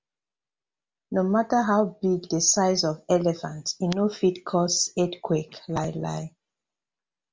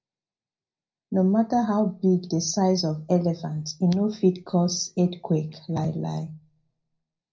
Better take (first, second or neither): first